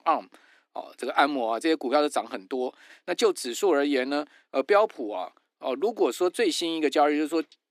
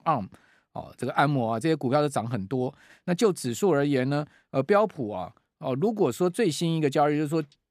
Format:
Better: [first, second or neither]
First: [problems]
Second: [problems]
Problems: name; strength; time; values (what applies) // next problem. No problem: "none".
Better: second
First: thin; very slightly; fading below 300 Hz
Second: none